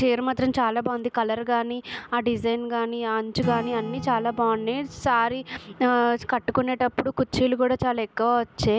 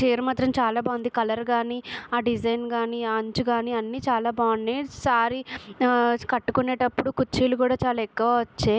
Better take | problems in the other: second | background sound (Acoustic guitar / Strum); 18 dB below the speech

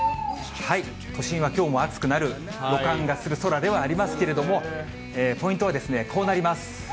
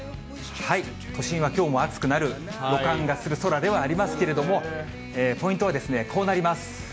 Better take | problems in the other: second | background sound (Bird); 13 dB below the speech

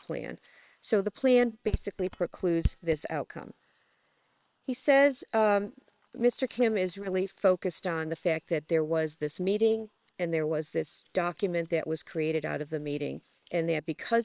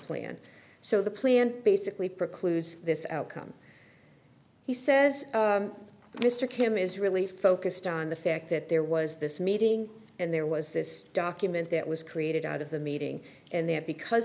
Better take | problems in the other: second | noise reduction (neural separator model SepFormer WHAM!)

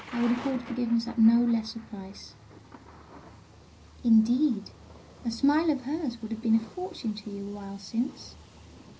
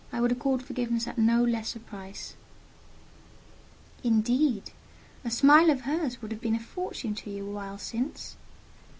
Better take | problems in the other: second | background sound (Thunder / Rain); 20 dB below the speech // room echo; dies away in 0.5 s

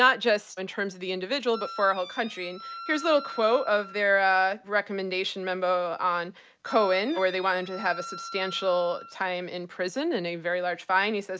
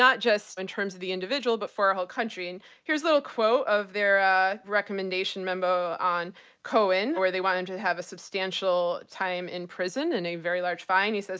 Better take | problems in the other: second | background sound (Wind instrument, woodwind instrument); 14 dB below the speech

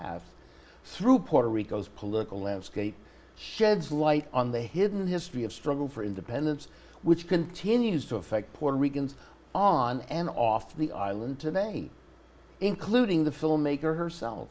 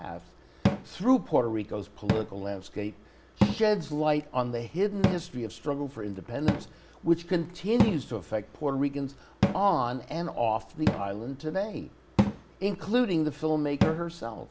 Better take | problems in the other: first | background sound (Cupboard open or close / Drawer open or close); 4 dB below the speech

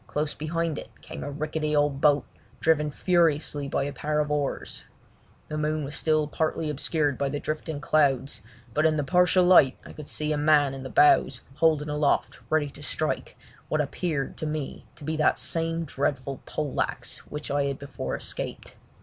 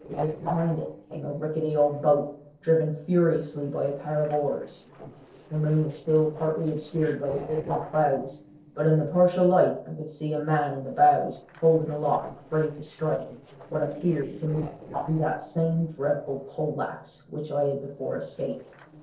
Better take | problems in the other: first | noise reduction (neural separator model SepFormer DNS4)

